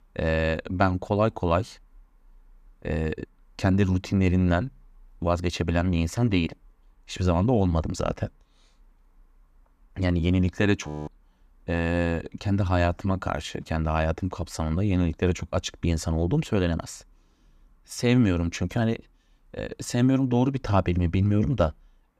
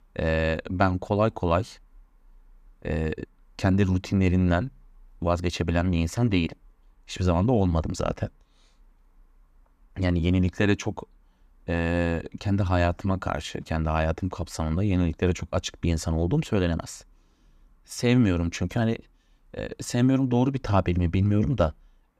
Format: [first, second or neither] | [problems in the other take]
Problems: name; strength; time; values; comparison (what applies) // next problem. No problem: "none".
second | audio freezing; at 11 s